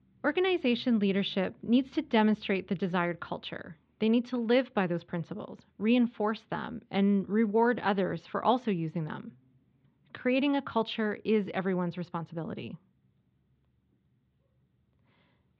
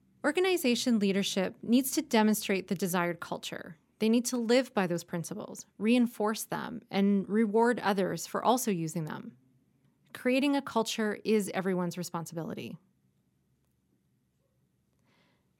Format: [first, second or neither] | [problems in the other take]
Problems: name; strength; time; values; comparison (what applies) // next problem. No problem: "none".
second | muffled; very; fading above 3.5 kHz